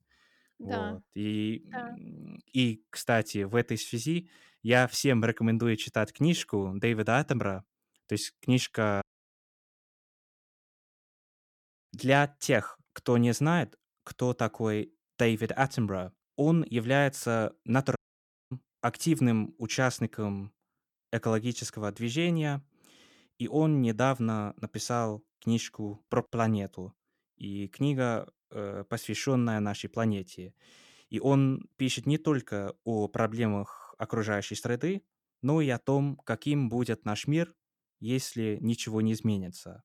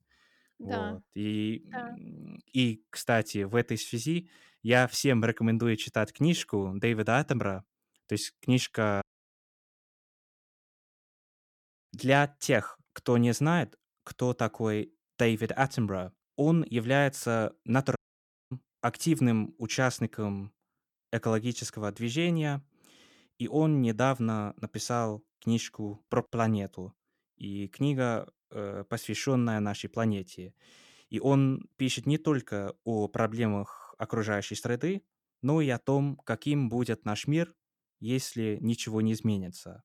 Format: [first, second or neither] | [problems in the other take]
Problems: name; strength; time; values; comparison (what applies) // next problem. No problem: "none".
neither | audio cutting out; at 9 s for 3 s and at 18 s for 0.5 s; the same in both